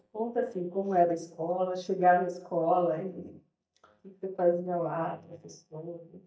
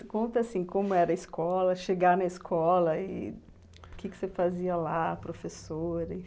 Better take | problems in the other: second | noise reduction (neural mask model DeepFilterNet 3)

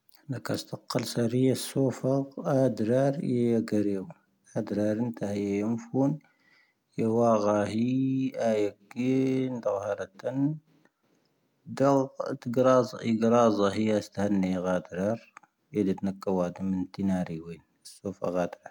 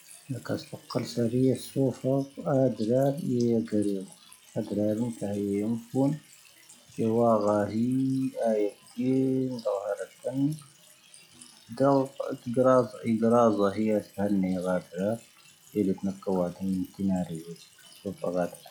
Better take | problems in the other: first | noise reduction (classical method log-MMSE)

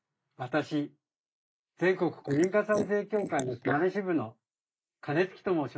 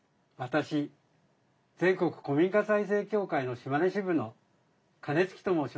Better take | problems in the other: second | noise reduction (neural mask model Resemble Enhance denoiser)

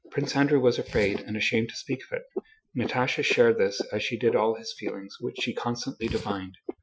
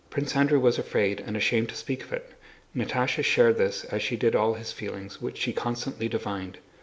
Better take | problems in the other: second | noise reduction (classical method Wiener filter)

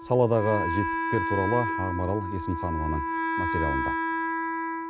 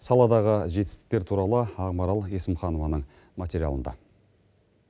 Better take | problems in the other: second | background sound (Wind instrument, woodwind instrument); 1 dB below the speech

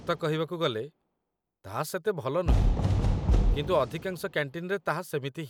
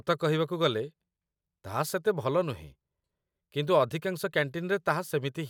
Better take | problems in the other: second | background sound (Fireworks); 2 dB above the speech

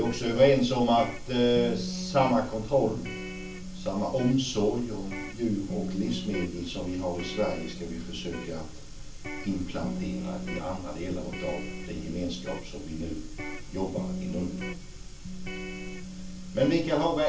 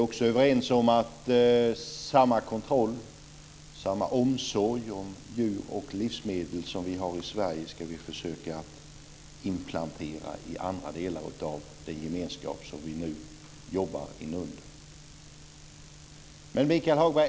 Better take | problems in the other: second | background sound (Electric guitar); 10 dB below the speech // room echo; dies away in 0.3 s

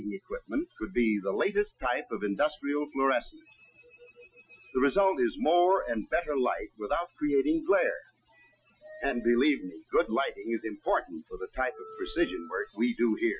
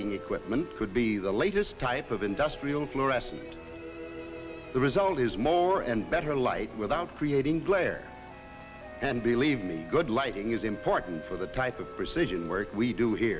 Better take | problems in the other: second | noise reduction (classical method Wiener filter)

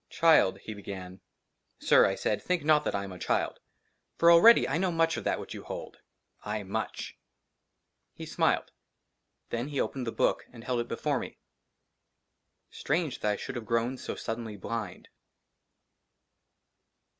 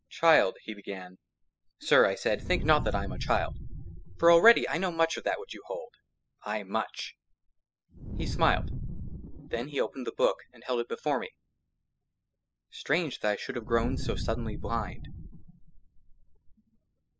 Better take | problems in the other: first | noise reduction (classical method spectral subtraction)

